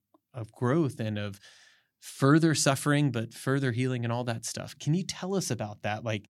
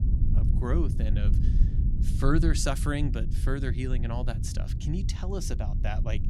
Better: first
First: none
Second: low rumble; loud; throughout; 9 dB below the speech

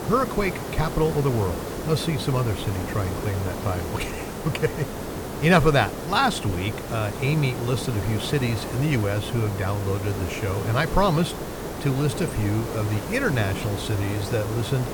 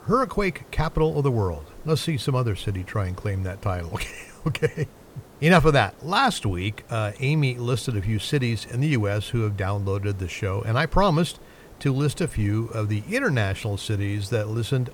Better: second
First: hiss; loud; throughout; 7 dB below the speech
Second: hiss; faint; throughout; 25 dB below the speech

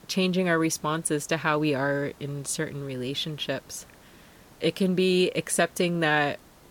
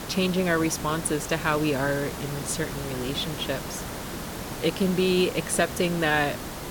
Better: first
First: hiss; faint; throughout; 25 dB below the speech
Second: hiss; loud; throughout; 8 dB below the speech

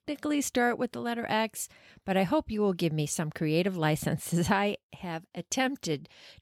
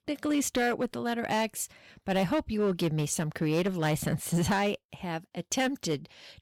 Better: first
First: none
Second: distortion; slight; 6% of the sound clipped

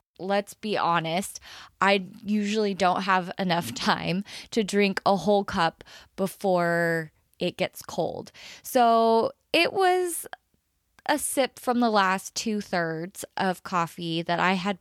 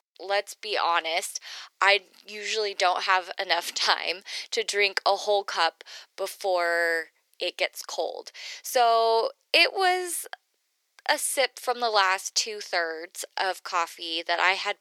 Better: first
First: none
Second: thin; very; fading below 400 Hz

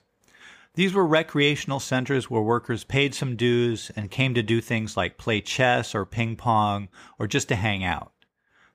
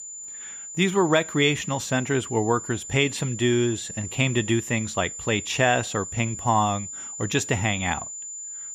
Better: first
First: none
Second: high-pitched whine; loud; throughout; 7 kHz, 9 dB below the speech

